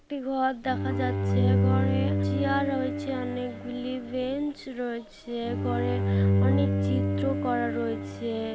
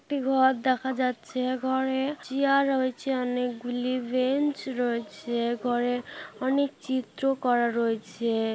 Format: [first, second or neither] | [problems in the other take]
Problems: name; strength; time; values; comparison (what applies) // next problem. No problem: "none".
second | background sound (Bowed string instrument); 3 dB above the speech